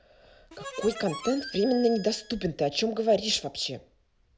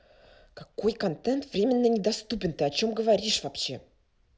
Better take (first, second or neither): second